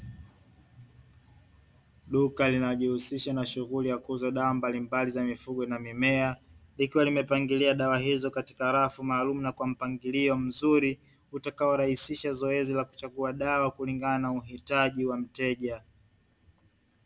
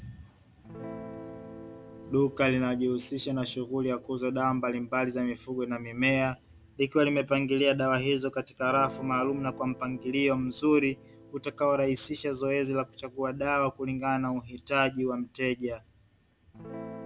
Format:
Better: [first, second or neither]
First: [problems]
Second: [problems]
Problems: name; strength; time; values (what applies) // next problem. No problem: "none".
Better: first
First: none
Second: background sound (Guitar); 19 dB below the speech